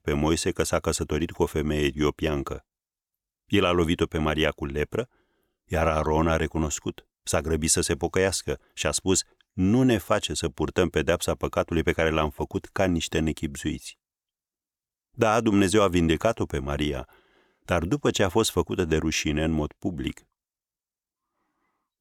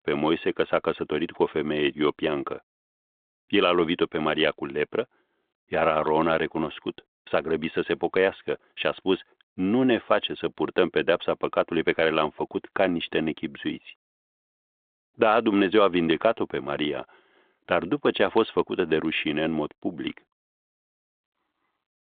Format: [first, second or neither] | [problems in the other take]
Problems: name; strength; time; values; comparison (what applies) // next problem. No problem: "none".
first | phone-call audio